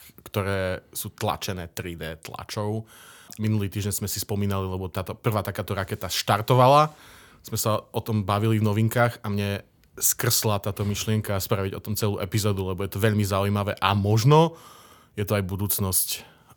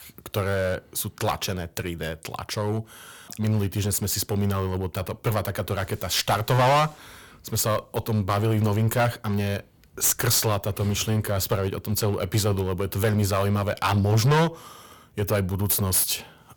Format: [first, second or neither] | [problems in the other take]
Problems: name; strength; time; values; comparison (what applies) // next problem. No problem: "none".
first | distortion; heavy; 8% of the sound clipped